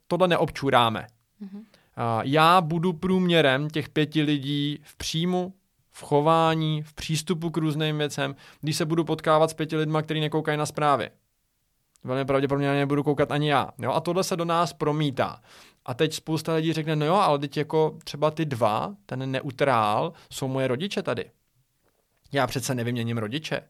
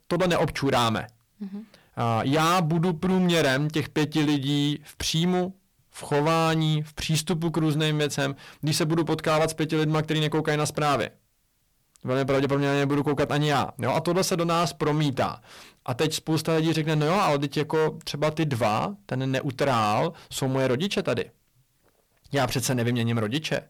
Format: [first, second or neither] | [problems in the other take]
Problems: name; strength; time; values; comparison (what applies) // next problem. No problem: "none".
first | distortion; heavy; 14% of the sound clipped